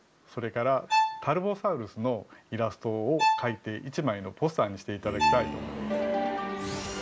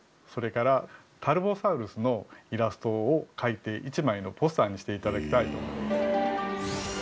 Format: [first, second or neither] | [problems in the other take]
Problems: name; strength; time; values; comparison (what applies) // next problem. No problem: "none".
second | background sound (Bowed string instrument); 1 dB below the speech